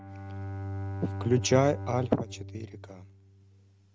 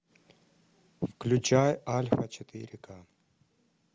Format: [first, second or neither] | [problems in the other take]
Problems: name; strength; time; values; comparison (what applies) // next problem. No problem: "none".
second | noise reduction (neural mask model RNNoise)